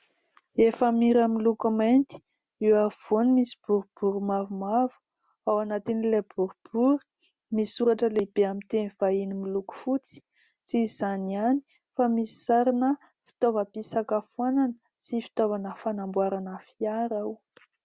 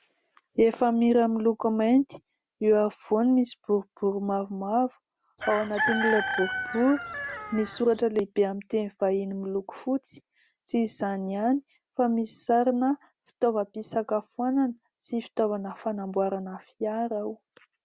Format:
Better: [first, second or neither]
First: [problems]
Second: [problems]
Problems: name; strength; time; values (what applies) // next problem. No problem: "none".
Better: first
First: none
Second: background sound (Chicken, rooster); 4 dB below the speech